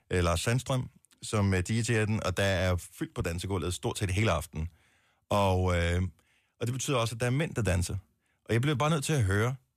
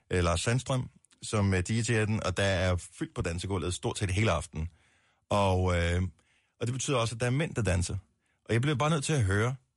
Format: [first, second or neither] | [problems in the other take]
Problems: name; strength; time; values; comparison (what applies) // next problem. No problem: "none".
first | garbled, watery; slightly; nothing above 11 kHz